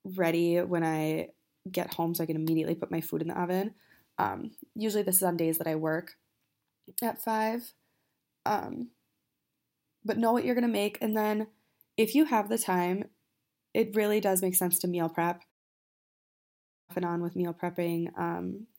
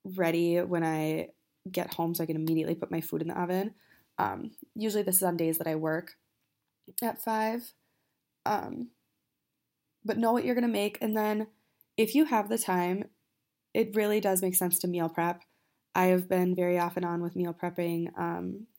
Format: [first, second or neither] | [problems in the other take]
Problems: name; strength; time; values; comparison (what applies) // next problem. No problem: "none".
second | audio cutting out; at 16 s for 1.5 s